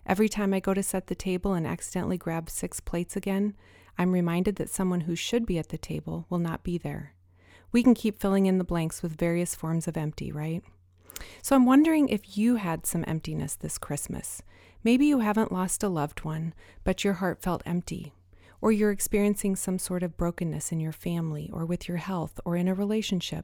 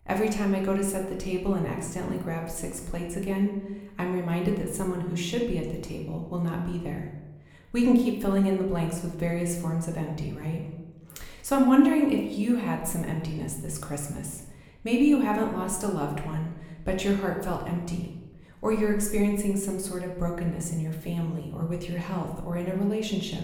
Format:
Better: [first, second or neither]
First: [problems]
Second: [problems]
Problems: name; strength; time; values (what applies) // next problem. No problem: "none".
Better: first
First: none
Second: room echo; slight; dies away in 0.8 s // off-mic speech; somewhat distant